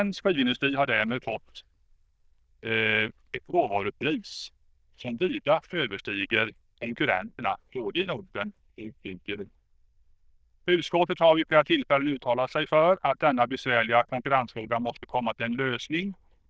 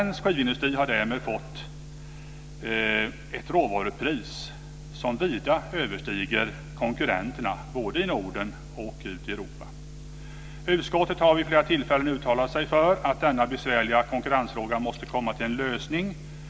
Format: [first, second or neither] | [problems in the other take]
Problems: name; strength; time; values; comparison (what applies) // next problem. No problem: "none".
second | noise reduction (neural diffusion model UNIVERSE++)